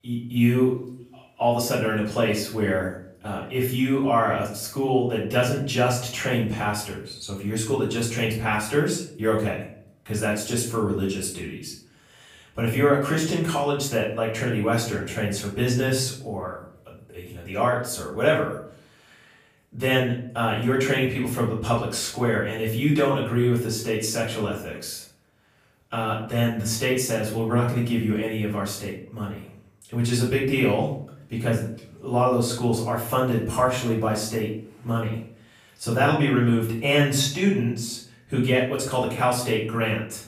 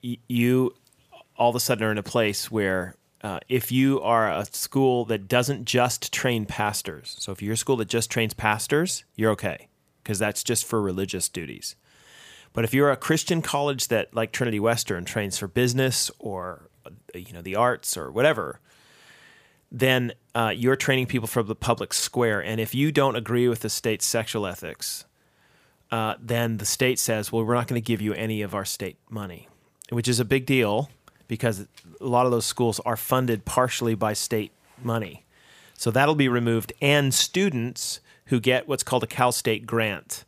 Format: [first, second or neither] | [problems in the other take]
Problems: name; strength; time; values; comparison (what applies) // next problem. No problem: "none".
second | off-mic speech; far // room echo; noticeable; dies away in 0.5 s